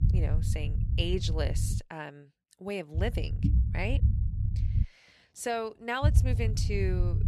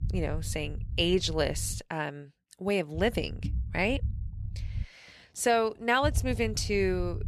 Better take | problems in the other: second | low rumble; loud; until 2 s, from 3 to 5 s and from 6 s on; 9 dB below the speech; faint in the second

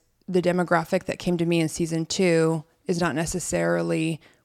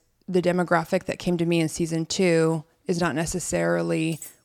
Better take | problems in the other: first | clattering dishes; very faint; at 4 s; peak 15 dB below the speech

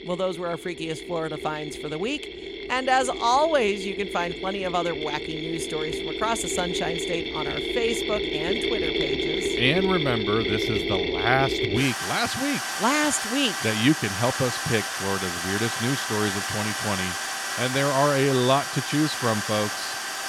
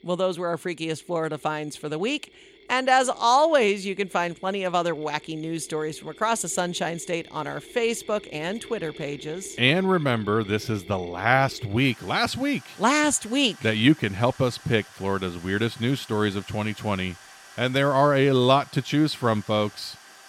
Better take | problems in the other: second | machinery noise; loud; throughout; 2 dB below the speech; faint in the second

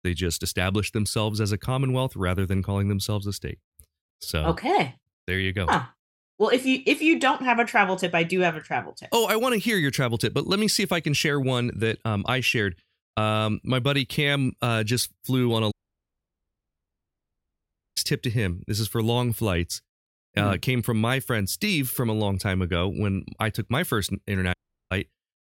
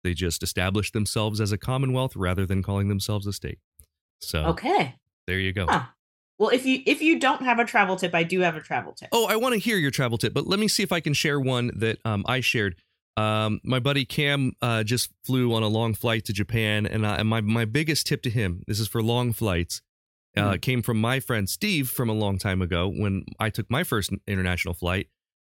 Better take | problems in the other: second | audio cutting out; at 16 s for 2 s and at 25 s

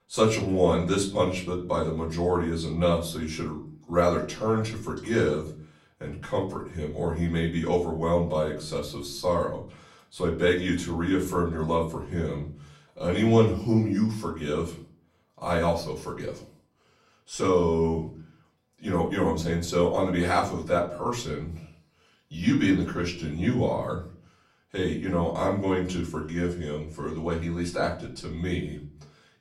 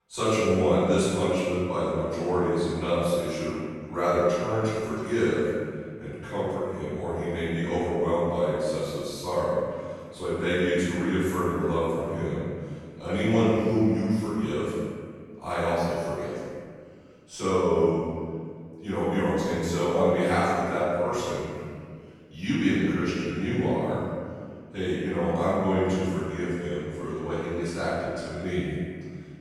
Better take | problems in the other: first | room echo; strong; dies away in 1.8 s; slight in the first // off-mic speech; far; far in the first

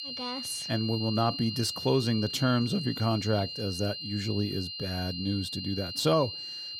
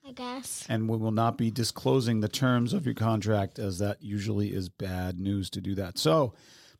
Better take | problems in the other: second | high-pitched whine; loud; throughout; 4 kHz, 5 dB below the speech

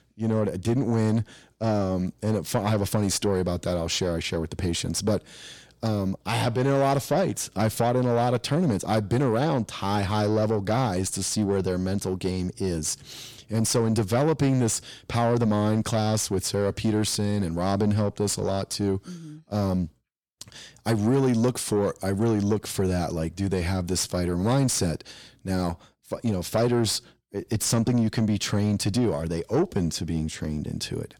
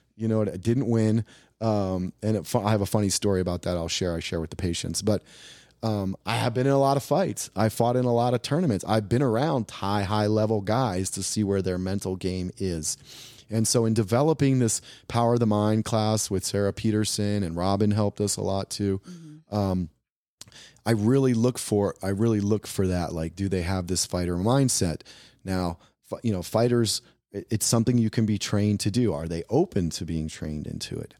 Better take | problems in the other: second | distortion; slight; 10 dB below the speech

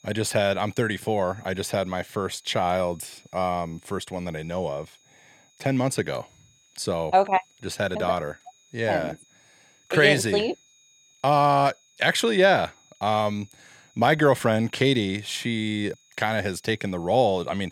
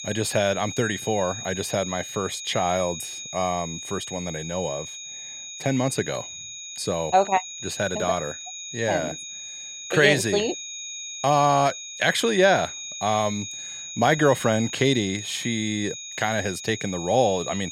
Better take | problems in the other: first | high-pitched whine; loud; throughout; 6.5 kHz, 9 dB below the speech; faint in the first

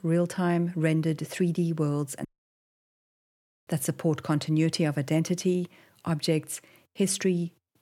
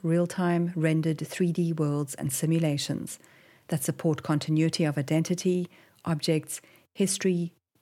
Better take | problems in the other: second | audio cutting out; at 2.5 s for 1.5 s

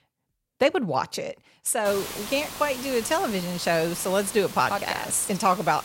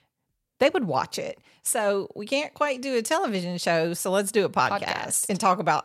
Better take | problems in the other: second | hiss; very faint; from 2 s on; 10 dB below the speech

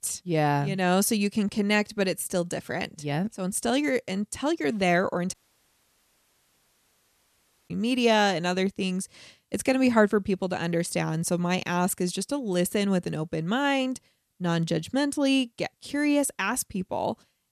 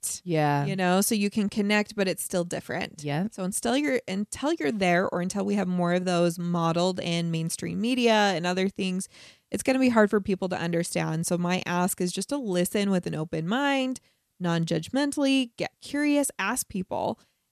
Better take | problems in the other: second | audio cutting out; at 5.5 s for 2.5 s

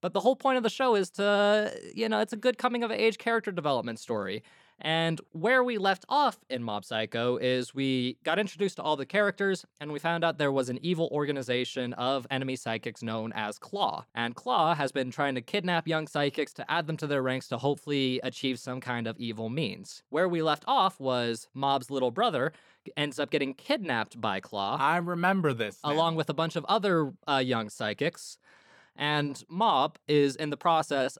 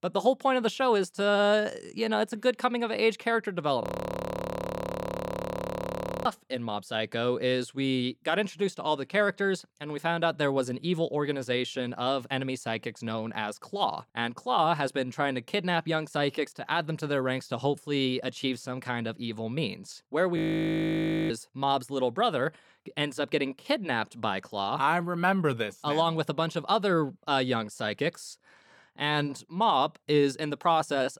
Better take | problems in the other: first | audio freezing; at 4 s for 2.5 s and at 20 s for 1 s

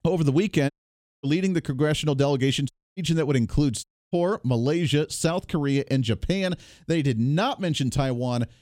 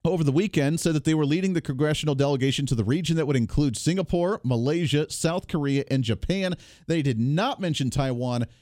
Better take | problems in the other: second | audio cutting out; at 0.5 s for 0.5 s, at 2.5 s and at 4 s

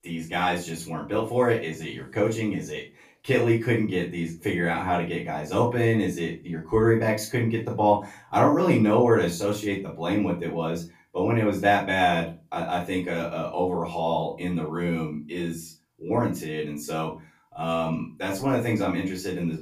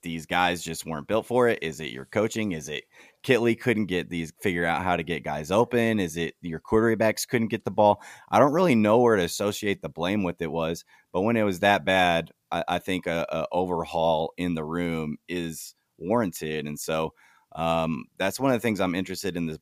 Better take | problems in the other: second | off-mic speech; far // room echo; slight; dies away in 0.3 s

